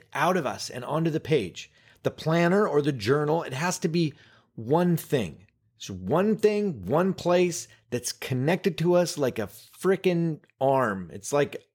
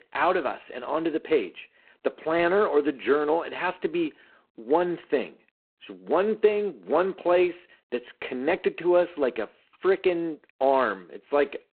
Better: first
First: none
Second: phone-call audio; poor line; nothing above 4 kHz

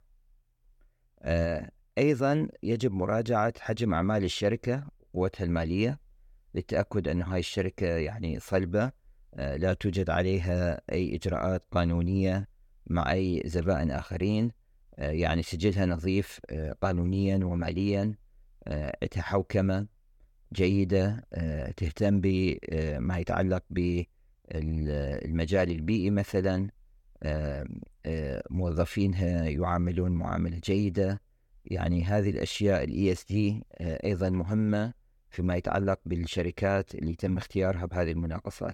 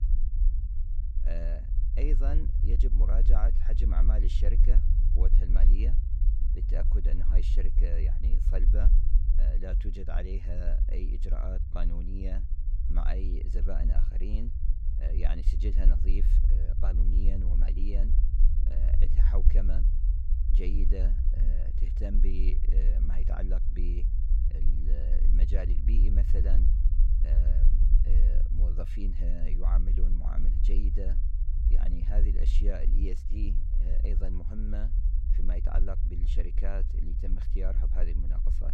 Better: first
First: none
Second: low rumble; loud; throughout; 5 dB below the speech

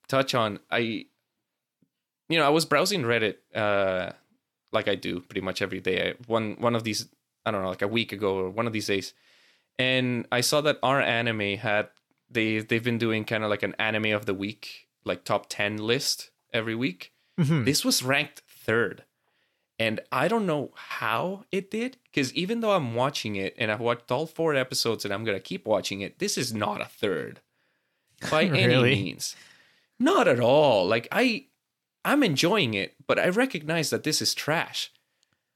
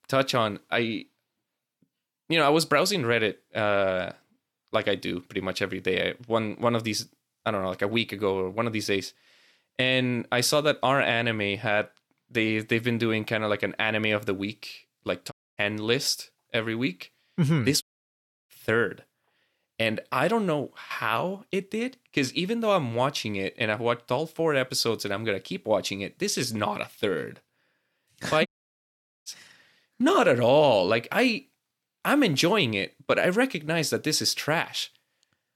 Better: first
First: none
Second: audio cutting out; at 15 s, at 18 s for 0.5 s and at 28 s for 1 s

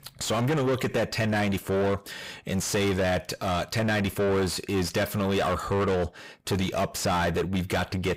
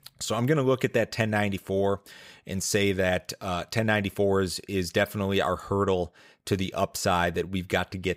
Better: second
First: distortion; heavy; 6 dB below the speech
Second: none

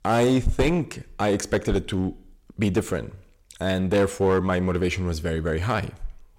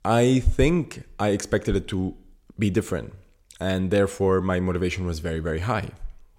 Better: second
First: distortion; slight; 8% of the sound clipped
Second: none

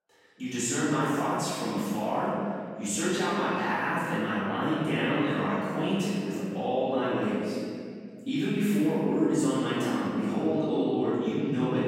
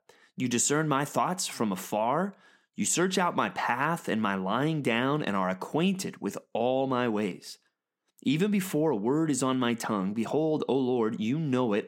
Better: second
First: off-mic speech; far // room echo; strong; dies away in 2.1 s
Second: none

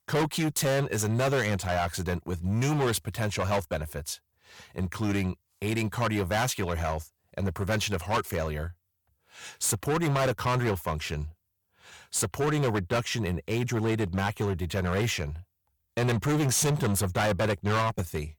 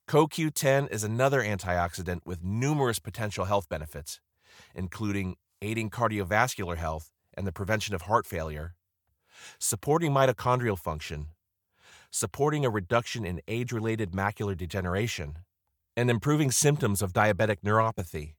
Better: second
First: distortion; heavy; 14% of the sound clipped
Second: none

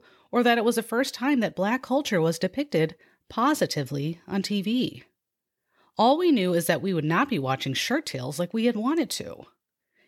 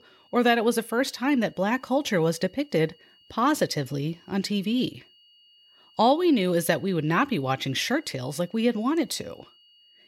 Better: first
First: none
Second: high-pitched whine; faint; throughout; 3 kHz, 30 dB below the speech

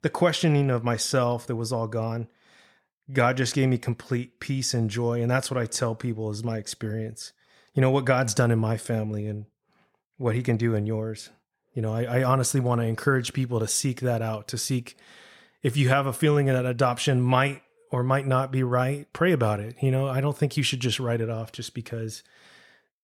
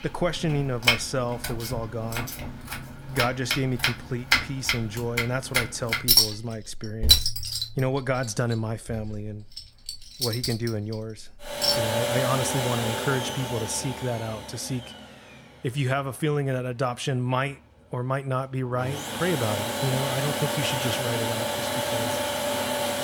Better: first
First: none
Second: household noises; very loud; throughout; 4 dB above the speech

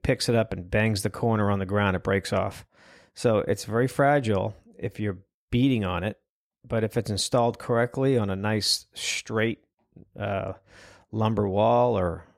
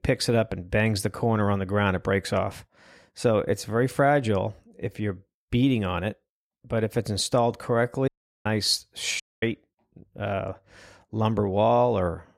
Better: first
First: none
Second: audio cutting out; at 8 s and at 9 s

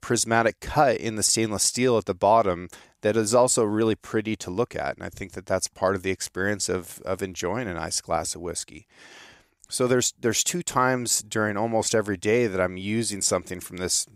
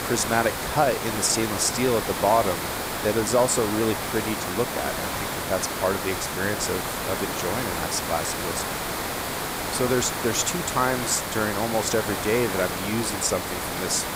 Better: first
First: none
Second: hiss; loud; throughout; 3 dB below the speech

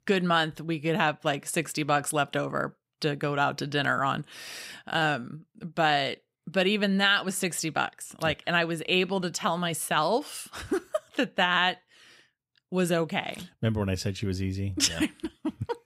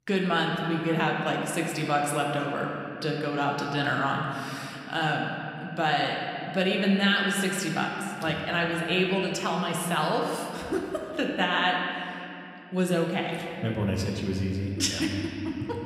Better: first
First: none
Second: room echo; noticeable; dies away in 2.7 s // off-mic speech; somewhat distant

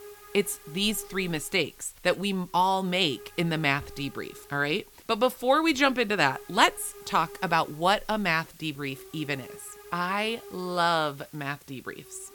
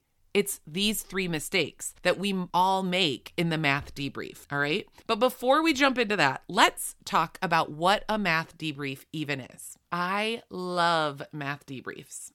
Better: second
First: hiss; faint; throughout; 20 dB below the speech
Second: none

